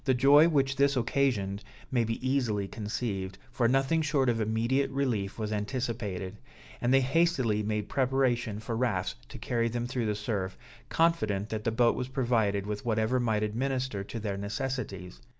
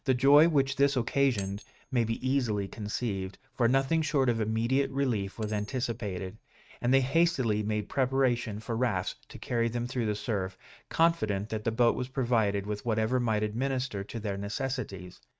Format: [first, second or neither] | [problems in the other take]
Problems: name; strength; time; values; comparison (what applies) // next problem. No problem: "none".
first | noise reduction (neural mask model RNNoise)